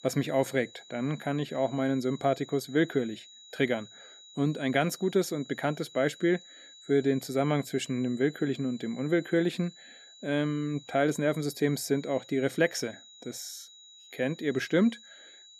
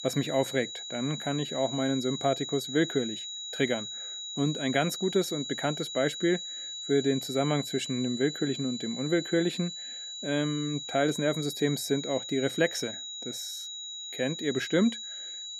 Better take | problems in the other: first | high-pitched whine; loud; throughout; 4 kHz, 6 dB below the speech; faint in the first

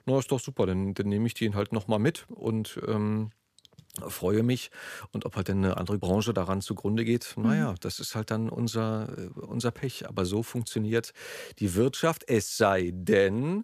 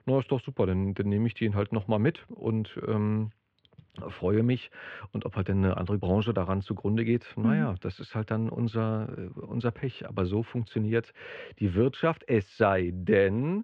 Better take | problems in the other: first | muffled; very; fading above 3 kHz

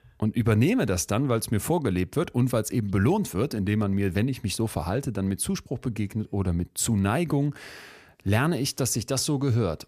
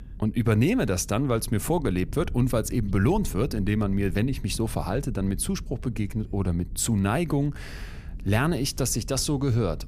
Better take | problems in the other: first | low rumble; faint; throughout; 25 dB below the speech

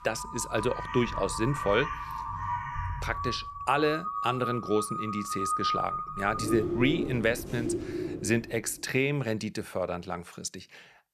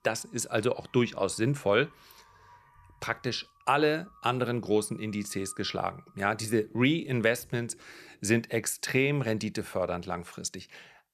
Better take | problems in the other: second | animal sounds; loud; until 8 s; 3 dB below the speech; faint in the second

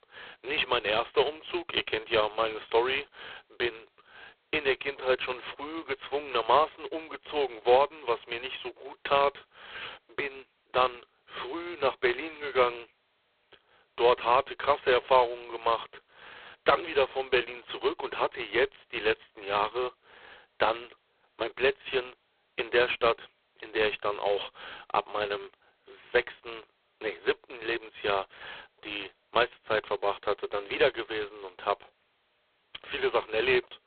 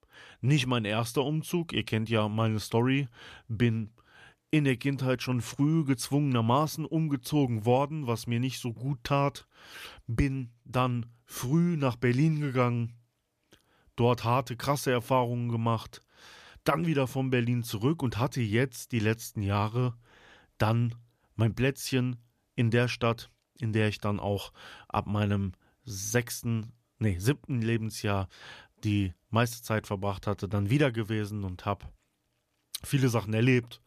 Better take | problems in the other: second | phone-call audio; poor line; nothing above 4 kHz

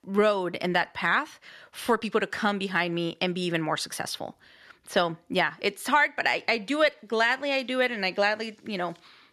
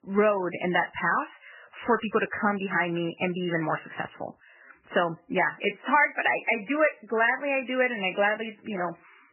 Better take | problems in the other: first | garbled, watery; badly; nothing above 3 kHz

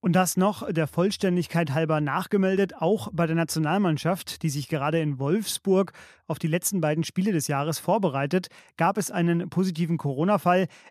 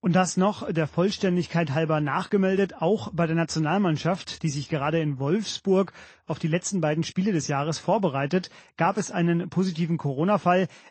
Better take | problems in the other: first | garbled, watery; slightly; nothing above 8 kHz

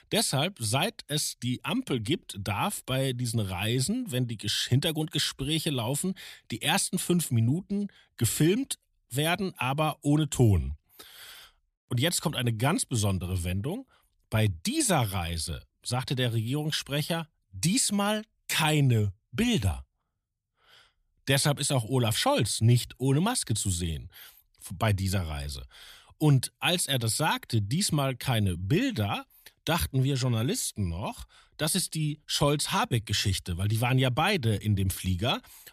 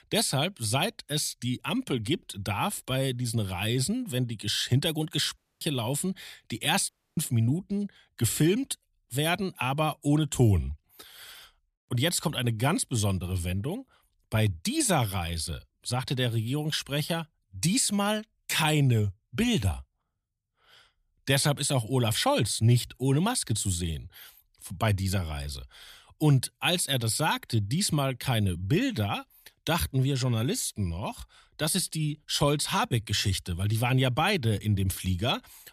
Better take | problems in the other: first | audio cutting out; at 5.5 s and at 7 s

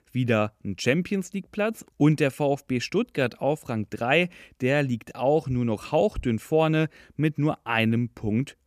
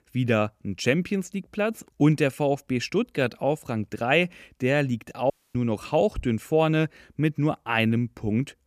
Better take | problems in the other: first | audio cutting out; at 5.5 s

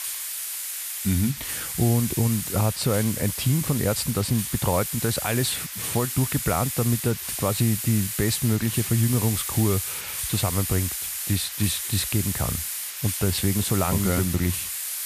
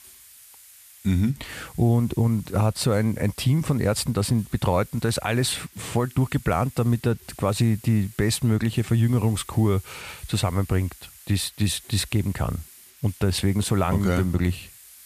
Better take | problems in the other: second | hiss; loud; throughout; 3 dB below the speech; faint in the second

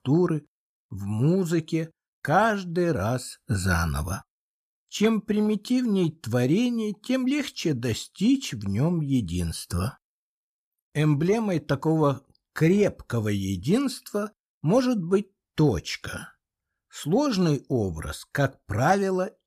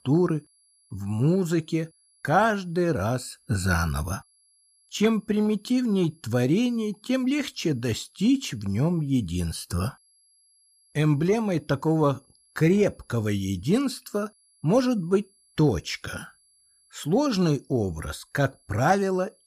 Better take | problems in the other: first | high-pitched whine; faint; throughout; 11 kHz, 35 dB below the speech

